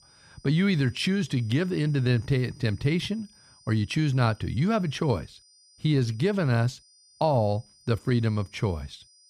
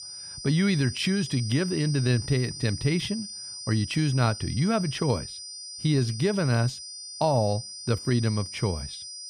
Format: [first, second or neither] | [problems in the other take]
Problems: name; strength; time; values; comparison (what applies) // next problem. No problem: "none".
first | high-pitched whine; loud; throughout; 5 kHz, 10 dB below the speech; faint in the first